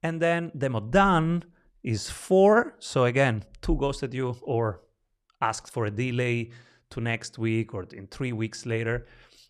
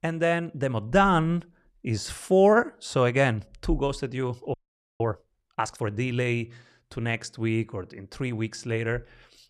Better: first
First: none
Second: audio freezing; at 4.5 s

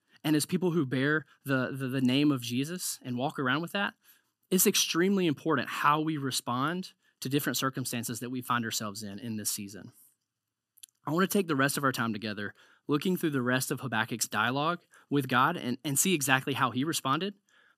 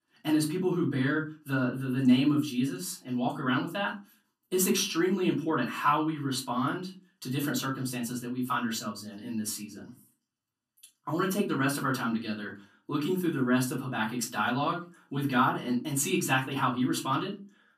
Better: first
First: none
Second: off-mic speech; far // room echo; very slight; dies away in 0.3 s

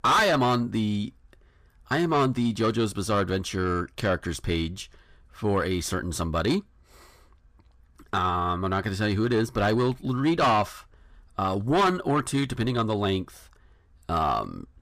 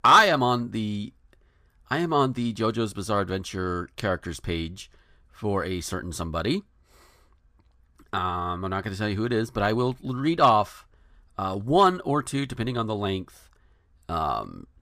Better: second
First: distortion; heavy; 7 dB below the speech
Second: none

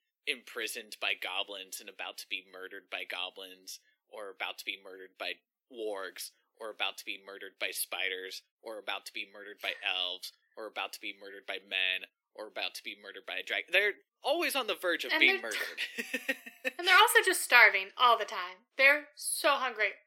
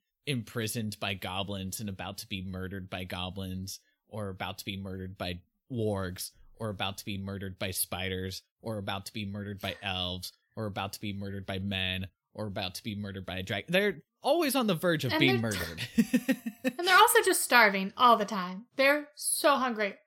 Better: second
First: thin; very; fading below 300 Hz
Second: none

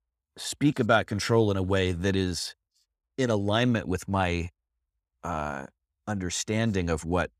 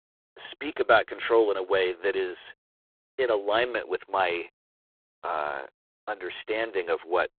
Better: first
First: none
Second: phone-call audio; poor line

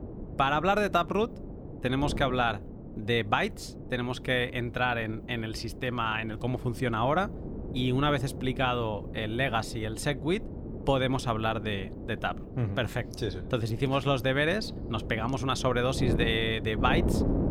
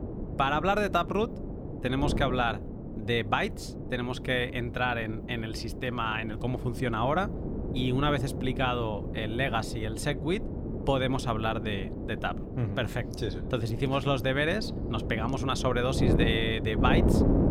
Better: first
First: wind noise on the microphone; occasional gusts; 15 dB below the speech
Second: wind noise on the microphone; heavy; 9 dB below the speech

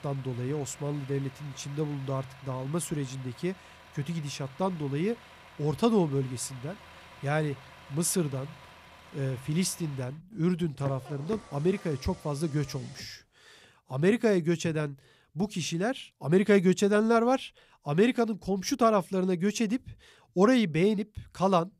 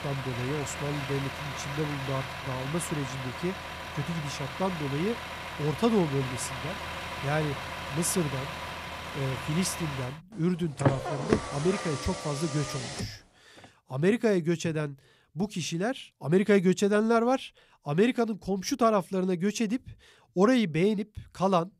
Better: first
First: traffic noise; faint; until 13 s; 20 dB below the speech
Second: traffic noise; loud; until 13 s; 6 dB below the speech

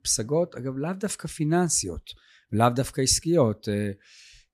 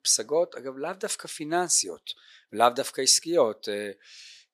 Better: first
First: none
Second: thin; very; fading below 500 Hz

